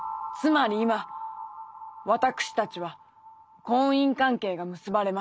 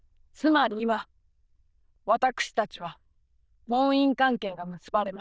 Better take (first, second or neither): first